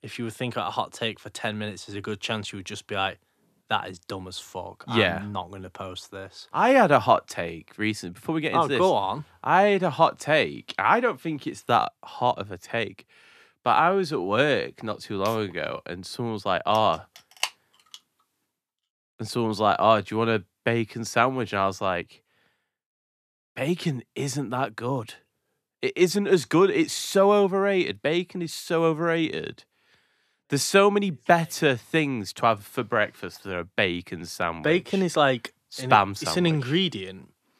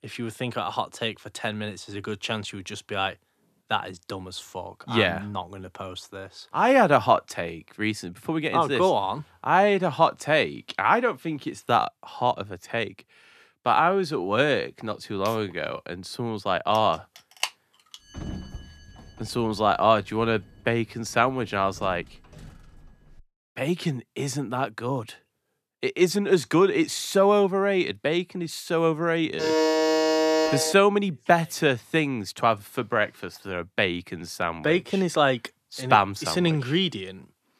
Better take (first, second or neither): first